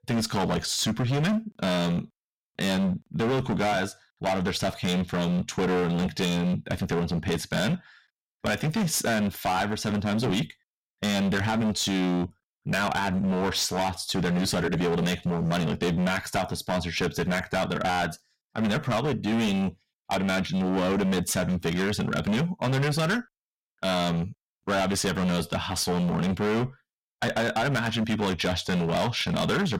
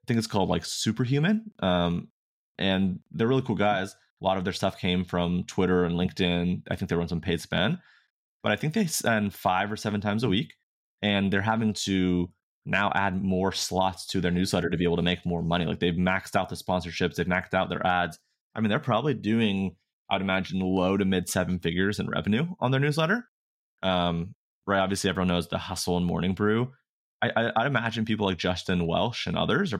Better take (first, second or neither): second